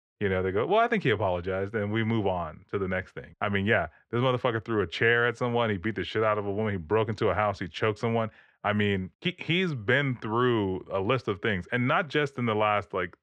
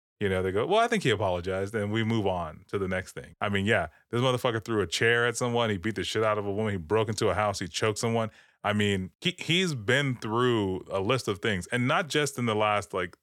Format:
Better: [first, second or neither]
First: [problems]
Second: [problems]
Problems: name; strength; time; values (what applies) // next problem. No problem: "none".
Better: second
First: muffled; very; fading above 2.5 kHz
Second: none